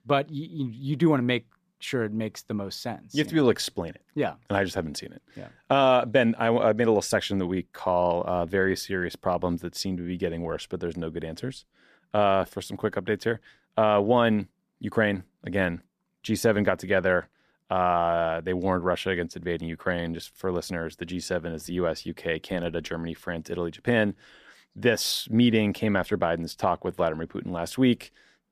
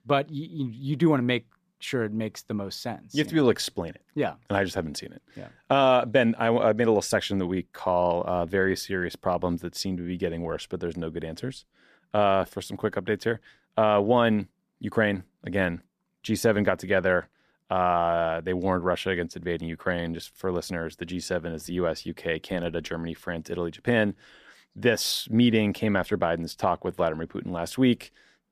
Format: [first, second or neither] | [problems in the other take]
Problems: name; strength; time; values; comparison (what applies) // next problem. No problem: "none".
neither | none